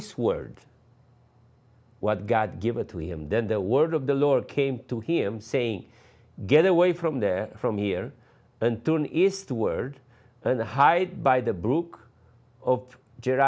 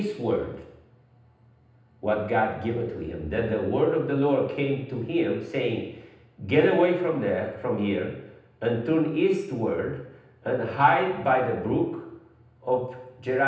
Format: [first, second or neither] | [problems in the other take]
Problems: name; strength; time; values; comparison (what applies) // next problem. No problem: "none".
first | room echo; dies away in 0.9 s